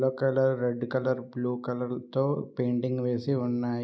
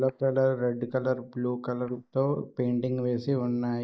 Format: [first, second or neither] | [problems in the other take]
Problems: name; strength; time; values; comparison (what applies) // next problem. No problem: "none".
first | noise reduction (neural mask model DeepFilterNet 3)